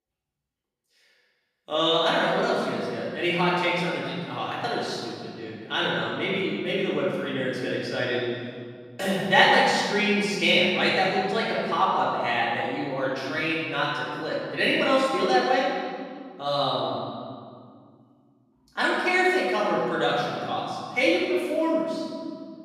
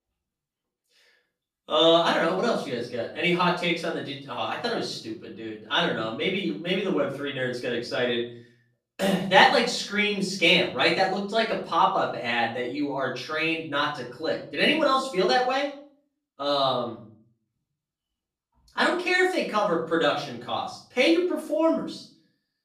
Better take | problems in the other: second | room echo; strong; dies away in 2 s; slight in the second // off-mic speech; far; far in the second

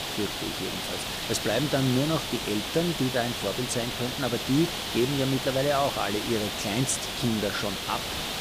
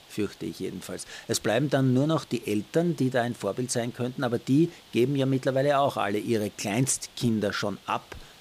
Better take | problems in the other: second | hiss; loud; throughout; 2 dB below the speech; faint in the second

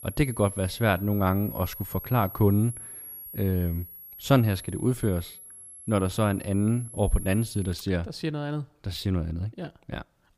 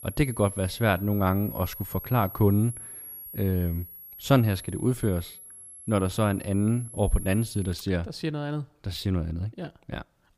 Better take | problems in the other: neither | high-pitched whine; noticeable; until 7.5 s; 11 kHz, 15 dB below the speech; the same in both

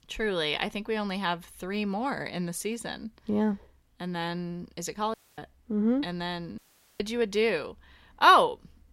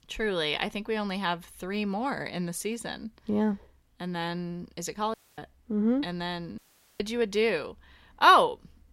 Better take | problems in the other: neither | audio cutting out; at 5 s and at 6.5 s; the same in both

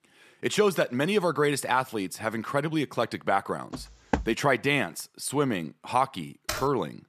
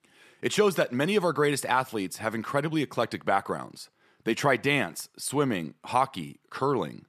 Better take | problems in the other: second | footsteps; noticeable; at 3.5 s; peak 4 dB below the speech // keyboard typing; noticeable; at 6.5 s; peak 7 dB below the speech

